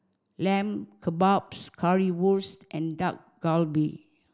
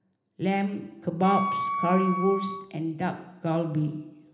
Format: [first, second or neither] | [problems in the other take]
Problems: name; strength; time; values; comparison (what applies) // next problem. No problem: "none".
first | background sound (Wind instrument, woodwind instrument); 4 dB below the speech // room echo; dies away in 1.1 s